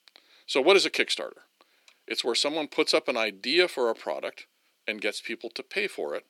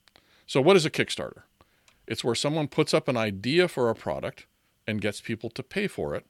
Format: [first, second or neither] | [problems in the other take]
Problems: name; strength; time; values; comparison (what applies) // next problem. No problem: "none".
second | thin; somewhat; fading below 300 Hz